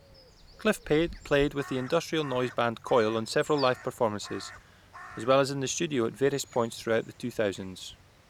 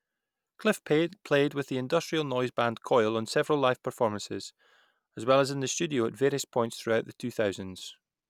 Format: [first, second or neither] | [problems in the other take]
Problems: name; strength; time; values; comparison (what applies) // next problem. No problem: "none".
second | background sound (Crow); 19 dB below the speech